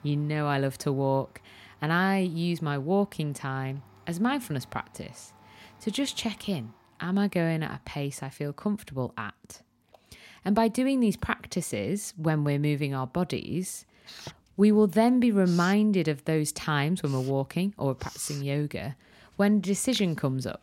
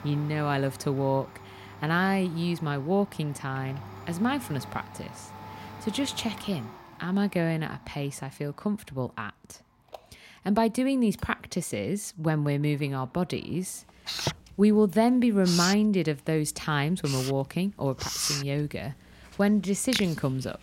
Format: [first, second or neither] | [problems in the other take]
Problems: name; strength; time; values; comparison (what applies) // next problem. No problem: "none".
first | household noises; loud; throughout; 9 dB below the speech; faint in the first